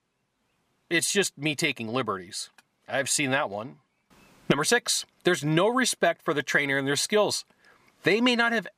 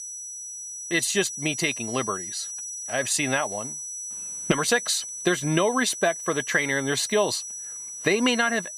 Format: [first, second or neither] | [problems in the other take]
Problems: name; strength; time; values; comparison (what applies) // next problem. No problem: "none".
first | high-pitched whine; loud; throughout; 6 kHz, 8 dB below the speech